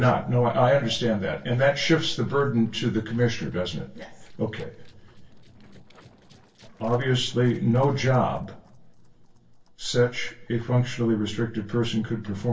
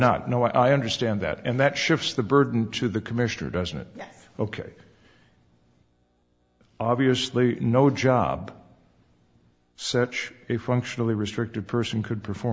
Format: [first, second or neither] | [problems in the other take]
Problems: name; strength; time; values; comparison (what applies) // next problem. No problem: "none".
second | noise reduction (neural separator model SepFormer DNS4)